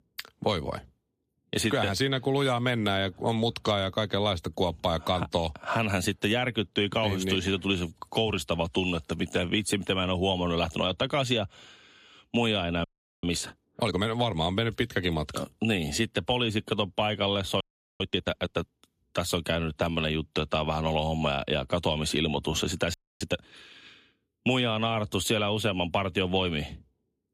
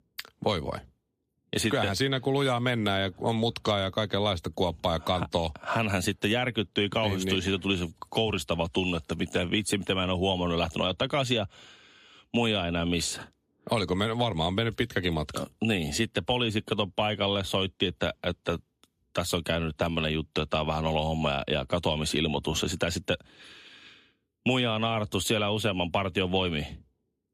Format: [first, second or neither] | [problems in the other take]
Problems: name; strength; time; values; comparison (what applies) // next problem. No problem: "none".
second | audio freezing; at 13 s, at 18 s and at 23 s